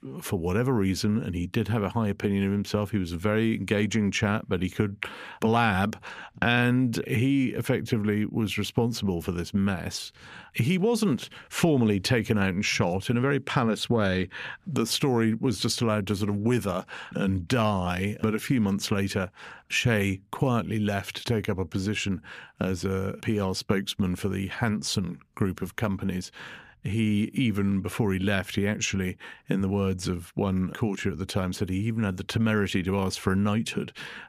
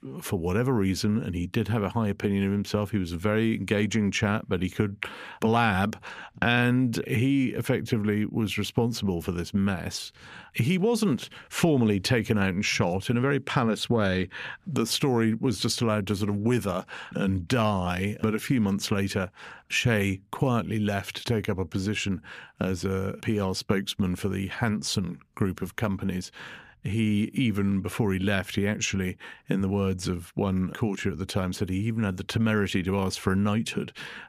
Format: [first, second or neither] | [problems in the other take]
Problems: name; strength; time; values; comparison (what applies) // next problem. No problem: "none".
neither | none